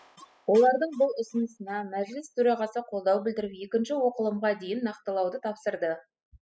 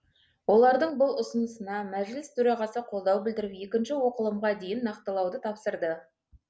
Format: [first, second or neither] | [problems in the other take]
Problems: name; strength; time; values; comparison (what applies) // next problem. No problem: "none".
second | noise reduction (classical method spectral subtraction)